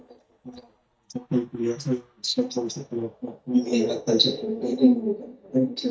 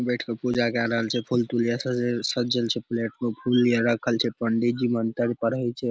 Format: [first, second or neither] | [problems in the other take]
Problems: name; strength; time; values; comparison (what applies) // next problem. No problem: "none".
second | noise reduction (neural mask model DeepFilterNet 3)